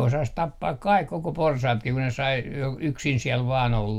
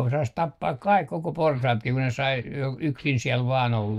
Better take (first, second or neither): first